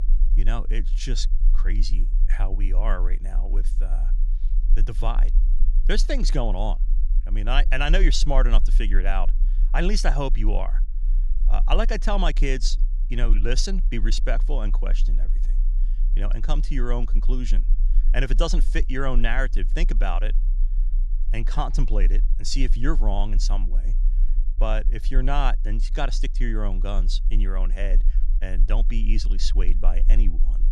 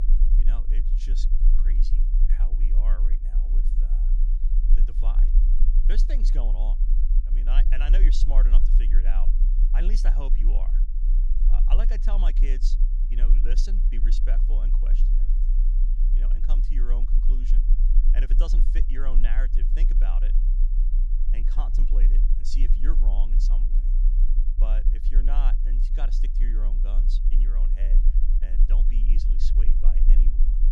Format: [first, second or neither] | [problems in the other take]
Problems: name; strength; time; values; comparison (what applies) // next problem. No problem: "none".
first | low rumble; loud; throughout; 7 dB below the speech; faint in the first